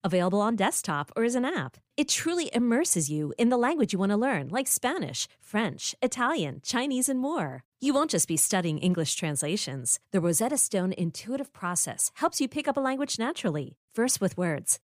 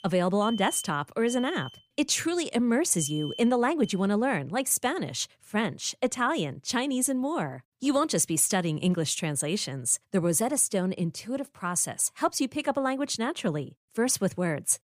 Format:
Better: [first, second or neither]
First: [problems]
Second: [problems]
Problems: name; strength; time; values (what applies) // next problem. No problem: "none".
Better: first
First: none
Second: alarms or sirens; noticeable; until 5 s; 15 dB below the speech